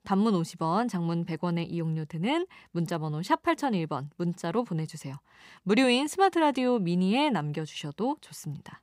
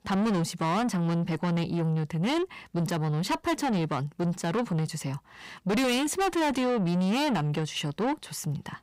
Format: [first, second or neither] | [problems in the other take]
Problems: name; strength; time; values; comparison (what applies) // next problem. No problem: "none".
first | distortion; heavy; 7 dB below the speech